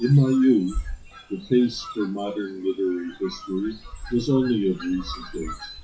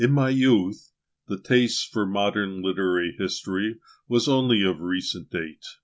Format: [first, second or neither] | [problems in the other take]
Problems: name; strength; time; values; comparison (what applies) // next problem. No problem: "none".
second | noise reduction (classical method WPE with log-MMSE)